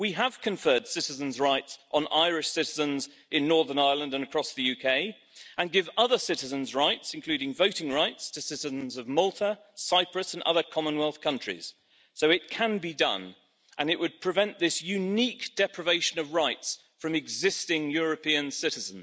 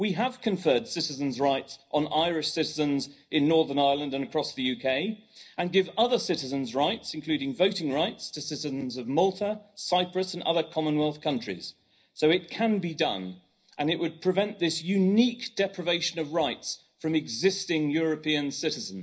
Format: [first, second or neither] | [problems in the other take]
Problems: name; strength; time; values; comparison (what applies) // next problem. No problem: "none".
first | room echo; dies away in 0.5 s